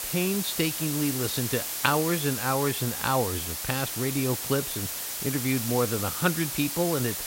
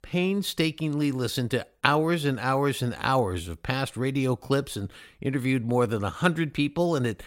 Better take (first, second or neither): second